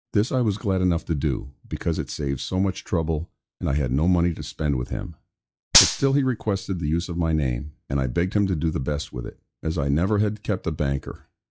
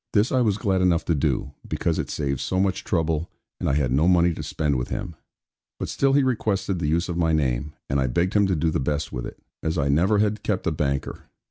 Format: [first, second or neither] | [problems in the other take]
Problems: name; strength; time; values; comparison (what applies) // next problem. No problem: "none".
second | noise reduction (classical method log-MMSE)